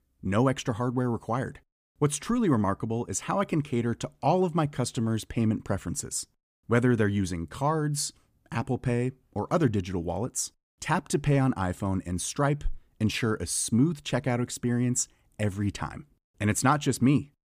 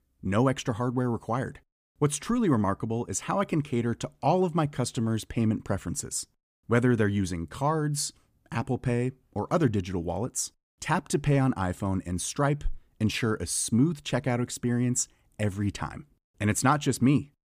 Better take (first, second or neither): neither